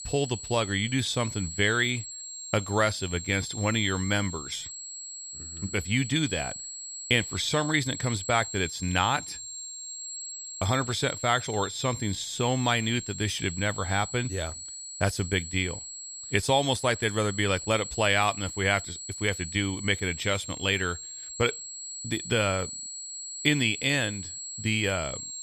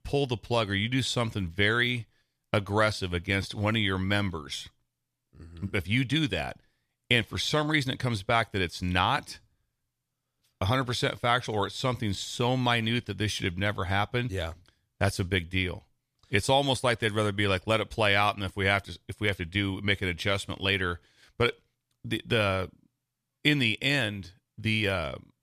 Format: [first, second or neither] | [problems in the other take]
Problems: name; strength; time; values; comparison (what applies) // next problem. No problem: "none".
second | high-pitched whine; loud; throughout; 7.5 kHz, 9 dB below the speech